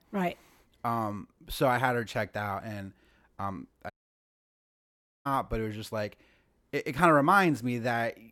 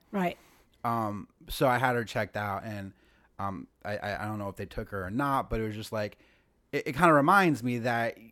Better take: second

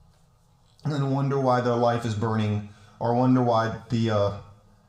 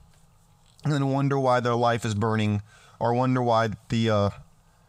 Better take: second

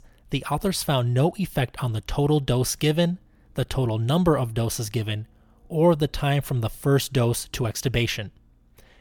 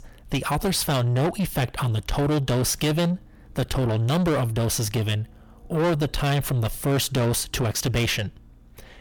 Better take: first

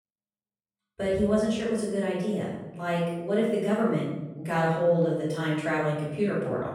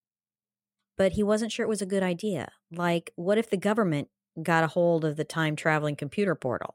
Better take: second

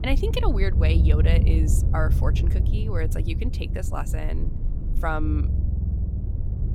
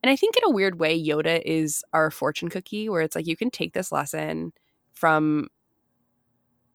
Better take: second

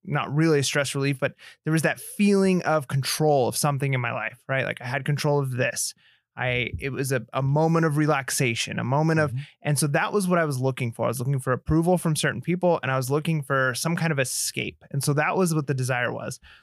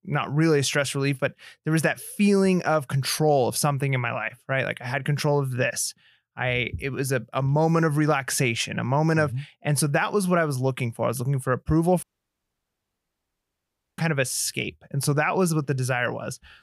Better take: first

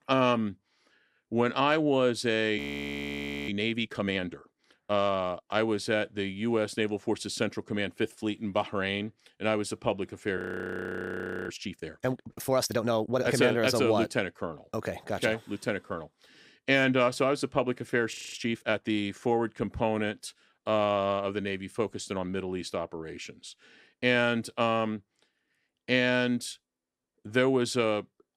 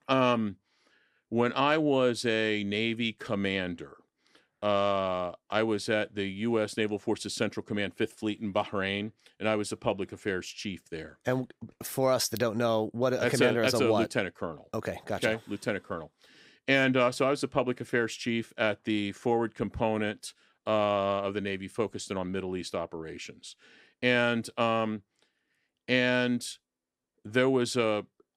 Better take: second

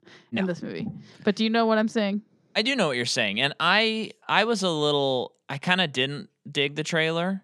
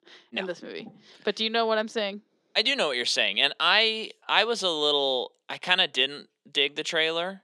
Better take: first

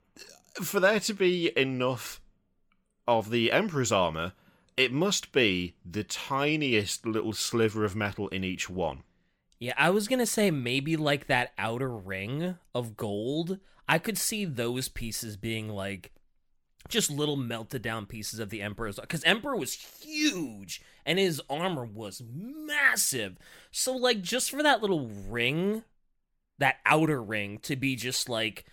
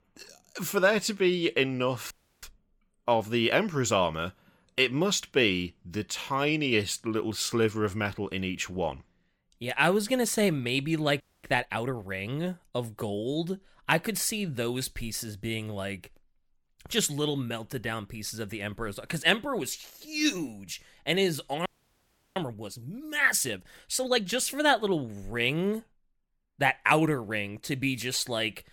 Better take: first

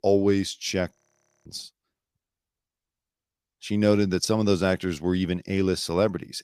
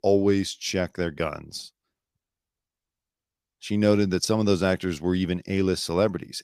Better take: second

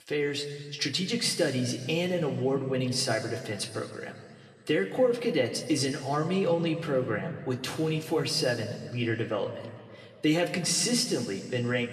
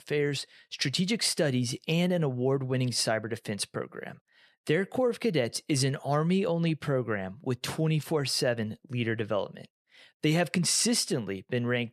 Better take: second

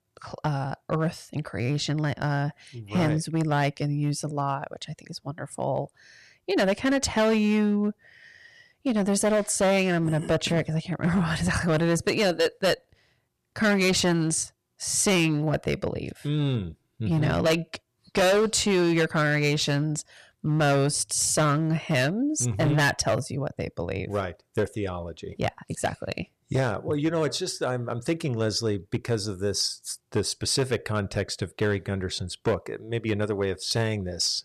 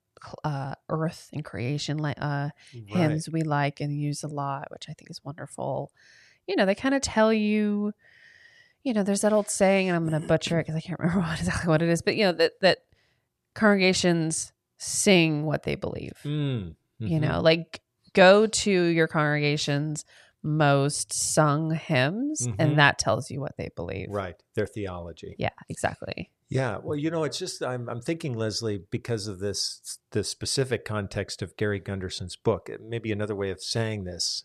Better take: second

